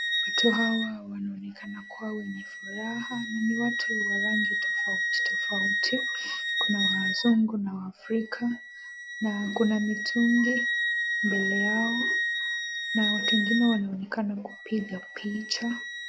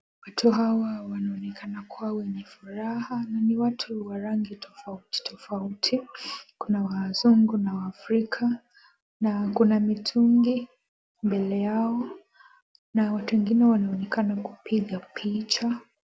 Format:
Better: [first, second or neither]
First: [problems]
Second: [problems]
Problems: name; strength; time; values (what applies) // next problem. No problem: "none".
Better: second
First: background sound (Wind instrument, woodwind instrument); 1 dB below the speech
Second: none